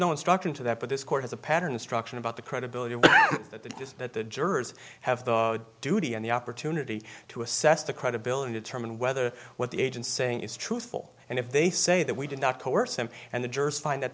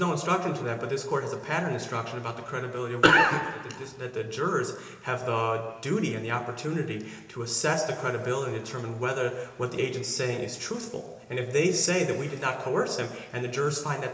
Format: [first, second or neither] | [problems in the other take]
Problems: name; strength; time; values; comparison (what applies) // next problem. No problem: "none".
first | room echo; dies away in 1.4 s